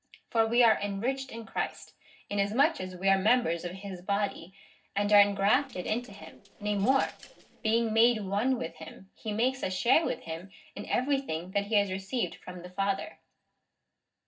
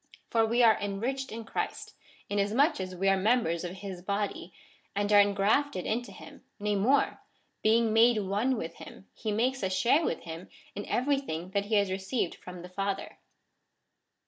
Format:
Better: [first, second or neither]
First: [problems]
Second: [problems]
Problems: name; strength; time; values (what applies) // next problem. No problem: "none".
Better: second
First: noise reduction (neural separator model SepFormer DNS4)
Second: none